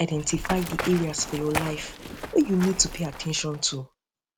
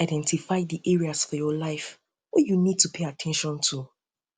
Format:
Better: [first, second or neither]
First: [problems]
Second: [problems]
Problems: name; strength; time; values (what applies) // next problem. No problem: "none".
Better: second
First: background sound (Run); 9 dB below the speech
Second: none